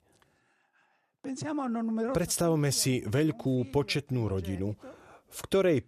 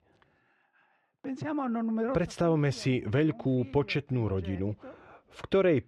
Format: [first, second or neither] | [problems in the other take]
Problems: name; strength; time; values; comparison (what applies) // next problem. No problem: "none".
first | muffled; slightly; fading above 2.5 kHz